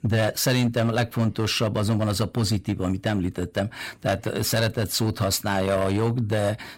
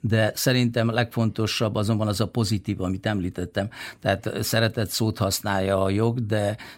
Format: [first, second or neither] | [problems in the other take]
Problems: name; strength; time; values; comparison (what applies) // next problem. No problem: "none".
second | distortion; slight; 7% of the sound clipped